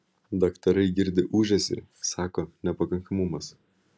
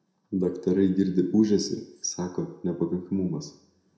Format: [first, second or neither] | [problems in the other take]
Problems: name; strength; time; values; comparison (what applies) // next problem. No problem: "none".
first | room echo; dies away in 0.5 s